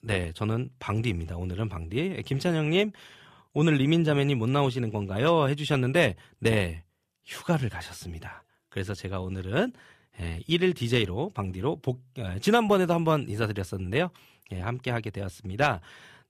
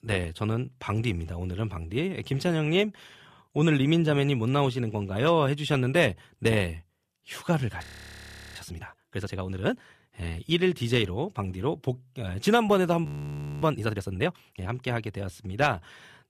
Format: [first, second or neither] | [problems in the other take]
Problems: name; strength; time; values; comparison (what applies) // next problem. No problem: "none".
first | audio freezing; at 8 s for 0.5 s and at 13 s for 0.5 s